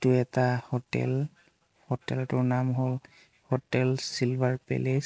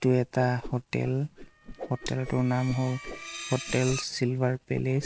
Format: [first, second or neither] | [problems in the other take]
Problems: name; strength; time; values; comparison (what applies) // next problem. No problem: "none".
first | background sound (Screech + Whoosh, swoosh, swish); 13 dB below the speech